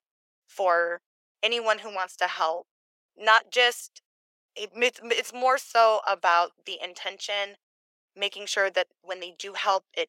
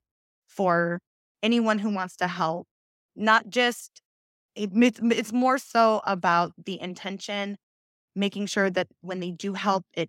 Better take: second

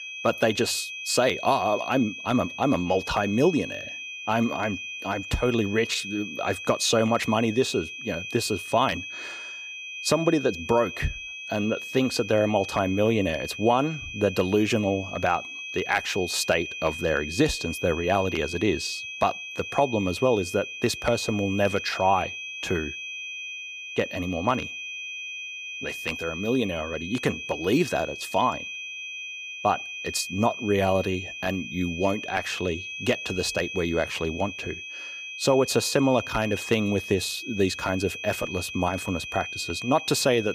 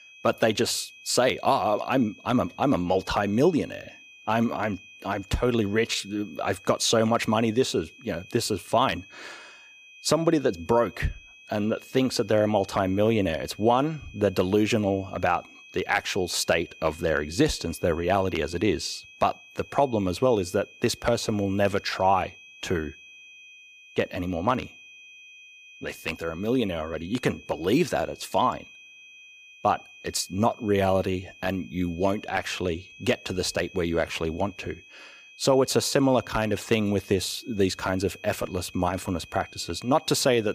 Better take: second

